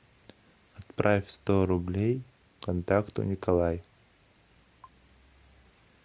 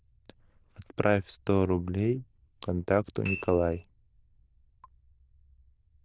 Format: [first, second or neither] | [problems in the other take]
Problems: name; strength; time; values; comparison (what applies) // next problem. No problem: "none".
first | noise reduction (neural diffusion model UNIVERSE++)